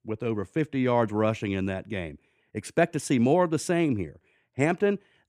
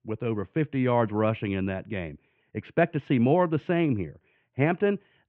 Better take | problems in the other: first | muffled; very; fading above 3 kHz

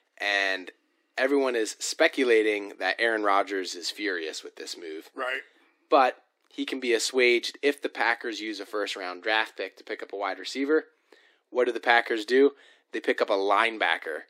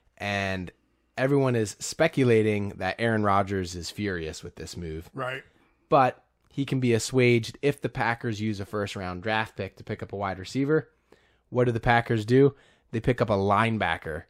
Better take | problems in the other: second | thin; somewhat; fading below 300 Hz

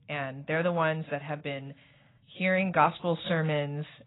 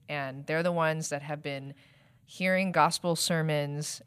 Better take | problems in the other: second | garbled, watery; badly; nothing above 4 kHz

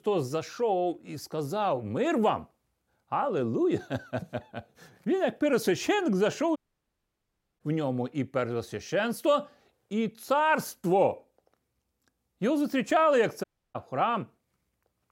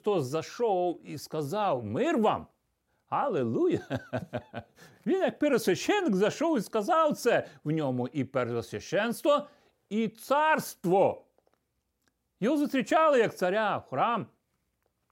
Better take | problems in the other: second | audio cutting out; at 6.5 s for 1 s and at 13 s

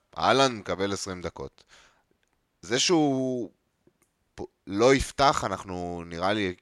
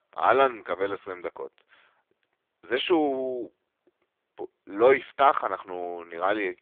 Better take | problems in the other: first | phone-call audio; poor line

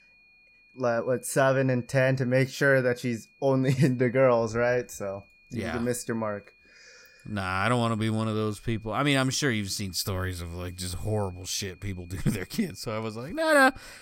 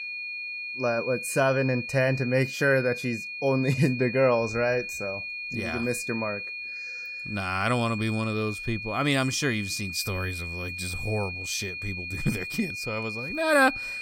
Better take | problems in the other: first | high-pitched whine; loud; throughout; 2.5 kHz, 6 dB below the speech; faint in the first

